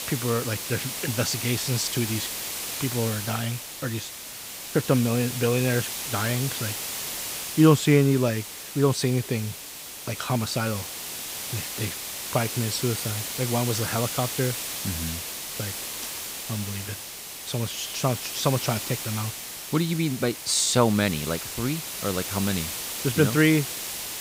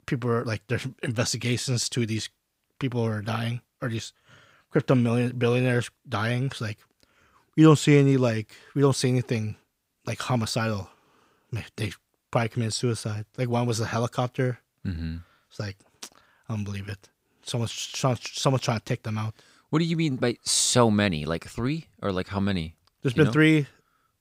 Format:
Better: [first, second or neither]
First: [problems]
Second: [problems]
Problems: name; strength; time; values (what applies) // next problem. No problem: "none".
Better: second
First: hiss; loud; throughout; 5 dB below the speech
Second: none